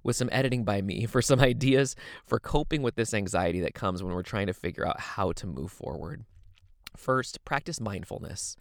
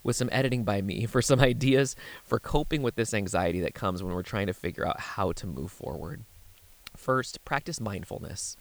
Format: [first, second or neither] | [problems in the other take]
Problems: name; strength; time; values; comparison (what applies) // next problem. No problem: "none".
first | hiss; faint; throughout; 25 dB below the speech